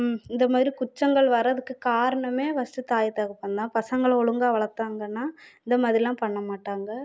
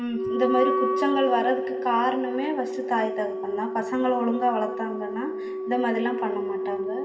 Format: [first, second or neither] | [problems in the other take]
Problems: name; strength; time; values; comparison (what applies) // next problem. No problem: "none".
first | background sound (Wind instrument, woodwind instrument); 3 dB below the speech // room echo; dies away in 2.2 s